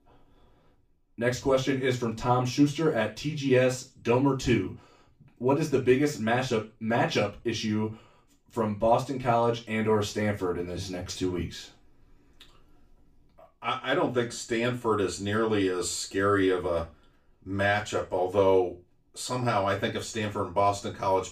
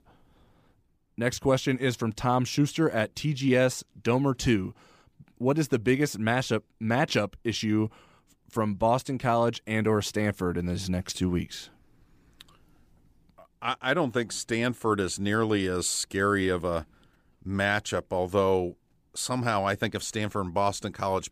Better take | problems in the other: second | room echo; very slight; dies away in 0.3 s // off-mic speech; far

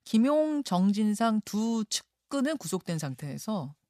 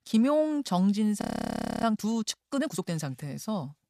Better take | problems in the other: first | audio freezing; at 1 s for 0.5 s

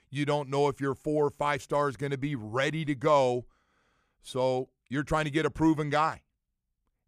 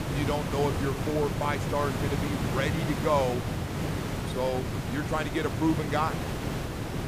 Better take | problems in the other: first | hiss; loud; throughout; 1 dB below the speech

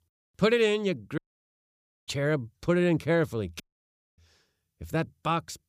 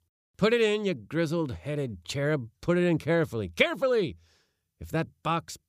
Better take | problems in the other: second | audio cutting out; at 1 s for 1 s and at 3.5 s for 0.5 s

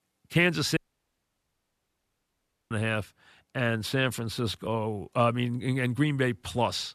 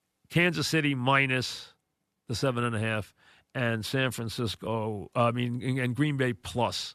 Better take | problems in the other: second | audio cutting out; at 1 s for 2 s

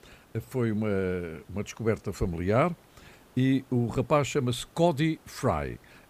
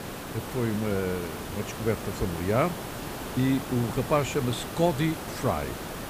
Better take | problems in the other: first | hiss; loud; throughout; 7 dB below the speech; faint in the first

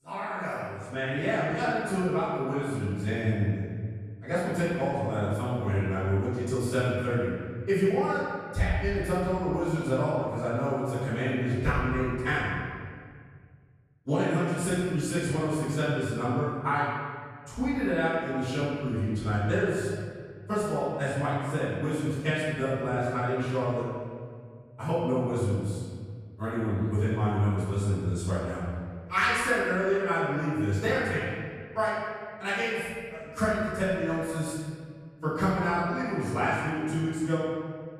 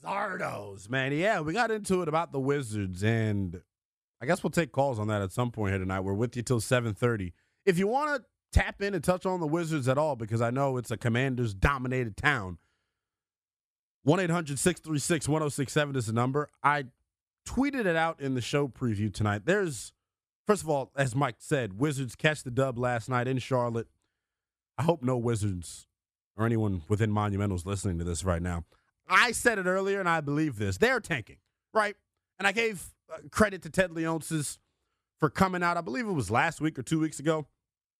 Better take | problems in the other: second | off-mic speech; far // room echo; strong; dies away in 1.8 s

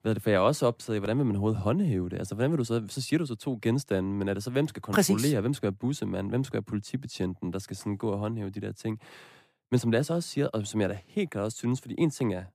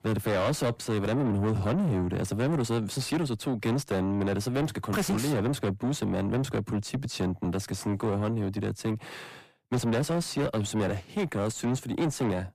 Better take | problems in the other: first | distortion; heavy; 7 dB below the speech

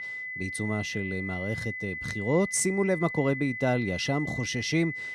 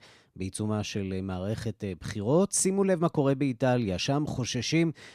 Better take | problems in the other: second | high-pitched whine; loud; throughout; 2 kHz, 5 dB below the speech

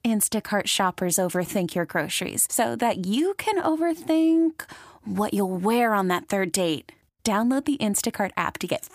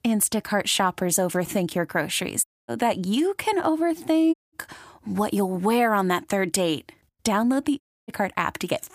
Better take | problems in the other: first | audio cutting out; at 2.5 s, at 4.5 s and at 8 s

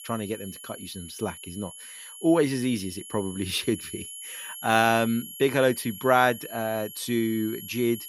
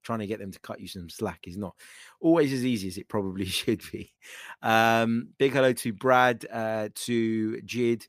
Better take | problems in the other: second | high-pitched whine; noticeable; throughout; 11.5 kHz, 15 dB below the speech

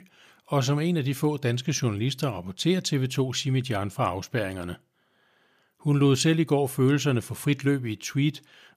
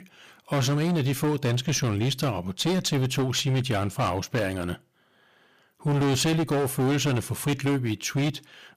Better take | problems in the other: first | distortion; heavy; 20% of the sound clipped

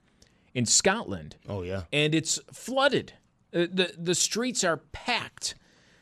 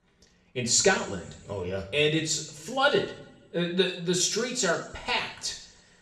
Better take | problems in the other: first | room echo; slight; dies away in 0.7 s // off-mic speech; somewhat distant

